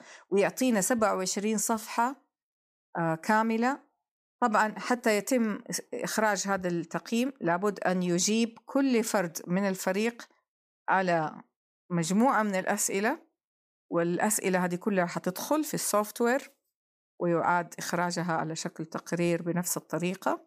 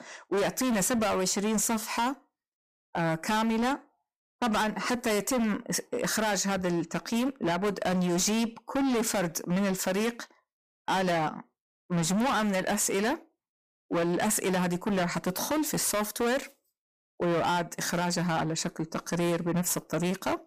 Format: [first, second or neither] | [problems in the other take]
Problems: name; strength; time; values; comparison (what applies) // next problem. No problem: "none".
first | distortion; heavy; 22% of the sound clipped